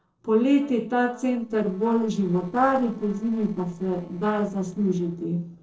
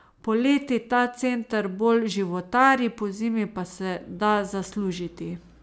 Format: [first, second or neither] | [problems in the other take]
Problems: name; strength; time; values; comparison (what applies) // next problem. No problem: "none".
second | noise reduction (neural separator model SepFormer DNS4)